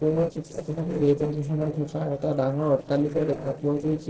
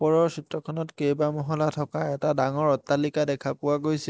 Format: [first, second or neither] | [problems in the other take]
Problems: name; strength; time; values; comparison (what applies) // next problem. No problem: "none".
second | noise reduction (neural separator model SepFormer DNS4)